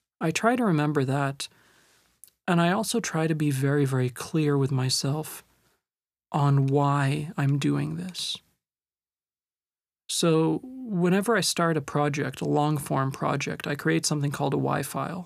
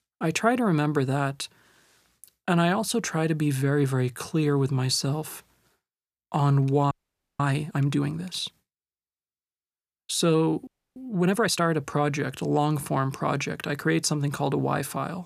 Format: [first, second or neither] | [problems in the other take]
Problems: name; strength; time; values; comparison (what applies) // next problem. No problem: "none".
first | audio freezing; at 7 s and at 11 s